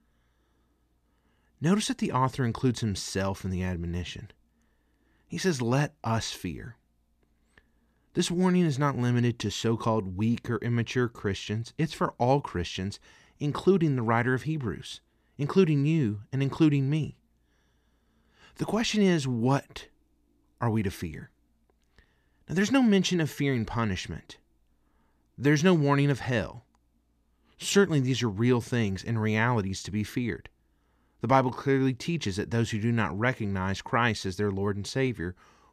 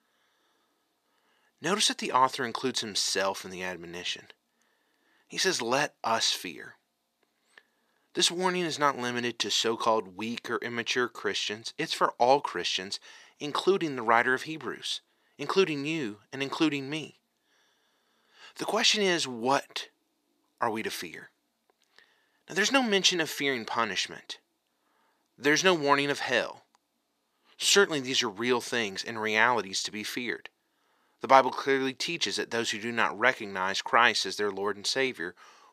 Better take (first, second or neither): first